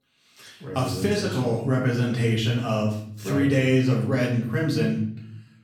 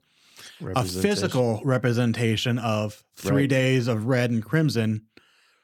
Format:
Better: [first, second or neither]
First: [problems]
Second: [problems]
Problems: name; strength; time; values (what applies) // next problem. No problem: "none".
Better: second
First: off-mic speech; far // room echo; noticeable; dies away in 0.6 s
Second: none